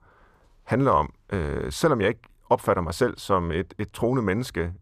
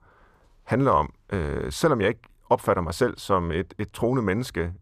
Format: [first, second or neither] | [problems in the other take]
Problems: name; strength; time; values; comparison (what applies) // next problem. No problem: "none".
neither | muffled; slightly; fading above 2.5 kHz; the same in both